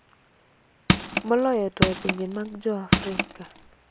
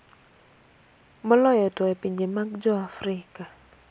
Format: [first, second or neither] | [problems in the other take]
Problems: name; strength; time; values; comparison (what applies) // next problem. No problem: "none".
second | background sound (Crushing); 3 dB above the speech